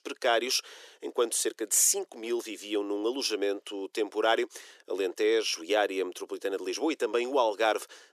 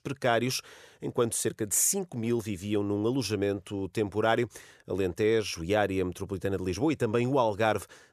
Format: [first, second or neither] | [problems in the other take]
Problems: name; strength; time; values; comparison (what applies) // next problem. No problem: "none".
second | thin; somewhat; fading below 300 Hz